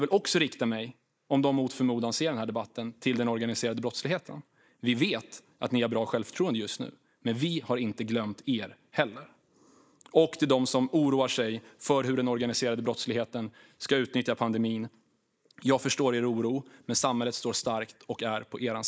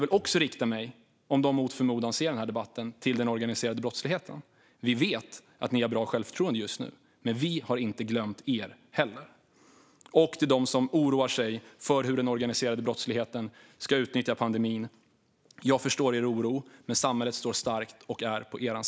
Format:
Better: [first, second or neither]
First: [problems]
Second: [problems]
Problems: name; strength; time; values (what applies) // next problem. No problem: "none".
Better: second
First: noise reduction (neural mask model Resemble Enhance denoiser)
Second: none